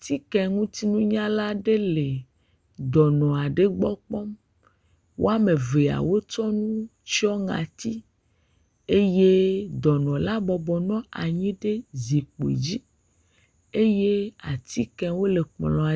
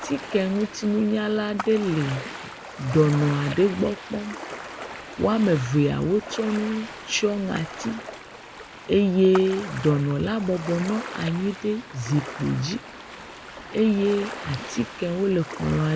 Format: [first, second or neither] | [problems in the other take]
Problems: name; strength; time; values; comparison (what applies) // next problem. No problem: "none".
first | background sound (Ocean); 12 dB below the speech